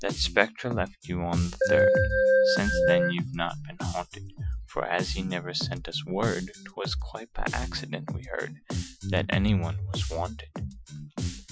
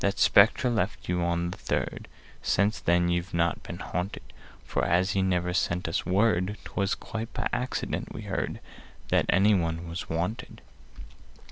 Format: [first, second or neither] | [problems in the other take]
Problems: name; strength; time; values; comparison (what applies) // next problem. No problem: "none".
second | noise reduction (classical method Wiener filter)